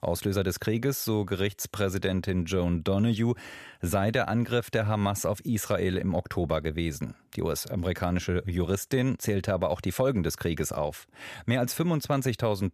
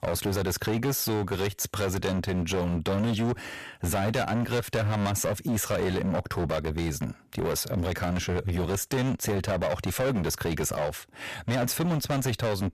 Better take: first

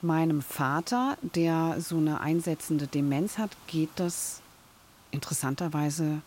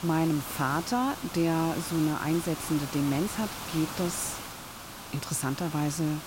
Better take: first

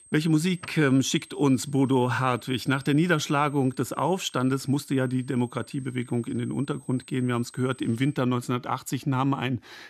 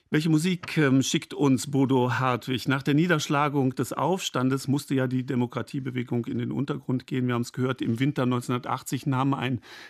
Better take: second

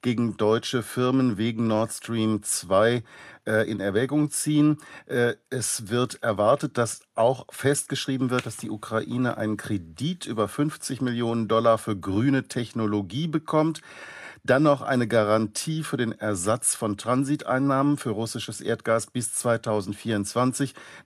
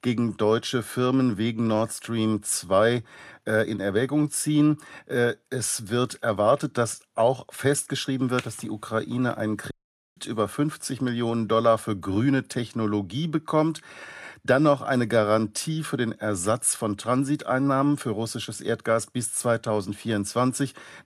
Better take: first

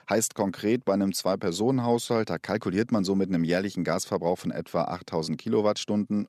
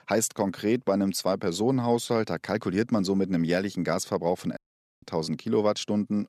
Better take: first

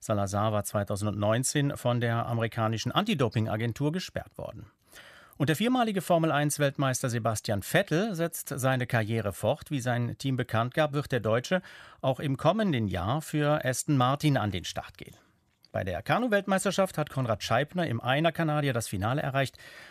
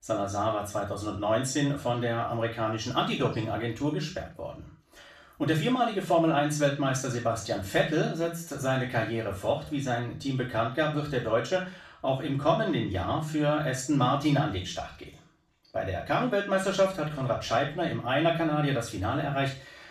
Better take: first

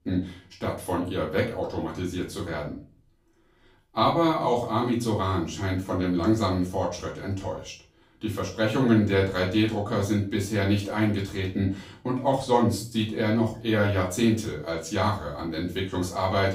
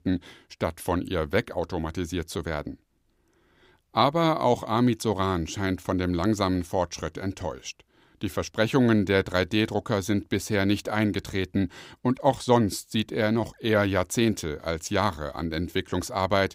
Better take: second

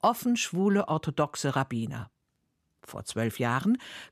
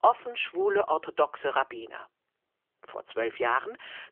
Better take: first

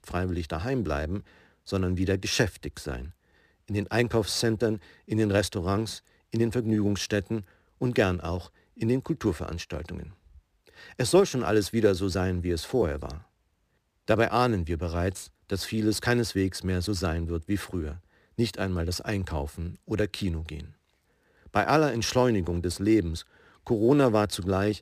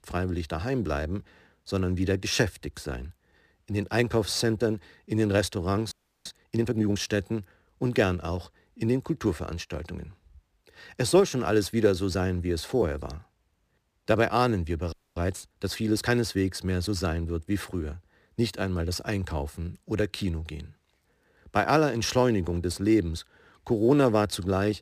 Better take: first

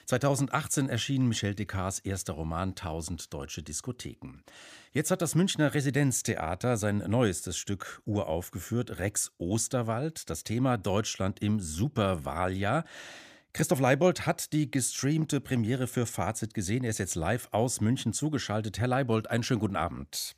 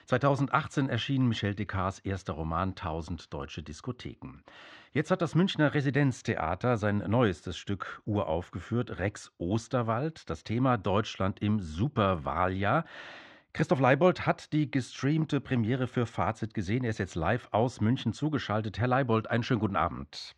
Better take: first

